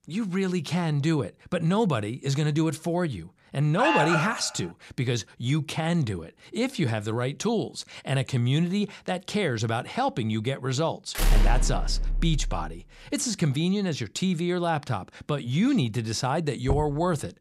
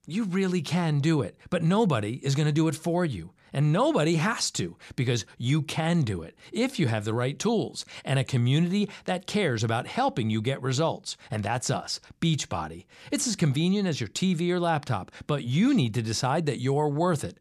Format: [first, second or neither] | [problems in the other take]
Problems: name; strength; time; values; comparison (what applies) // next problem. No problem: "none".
second | alarm; loud; at 4 s; peak 4 dB above the speech // door banging; loud; from 11 to 13 s; peak 3 dB above the speech // door banging; noticeable; at 17 s; peak 5 dB below the speech